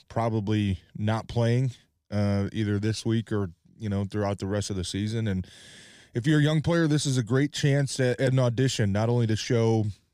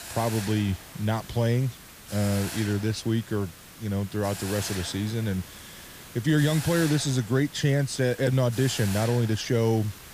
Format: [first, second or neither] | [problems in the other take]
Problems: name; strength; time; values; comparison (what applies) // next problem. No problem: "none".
first | hiss; noticeable; throughout; 10 dB below the speech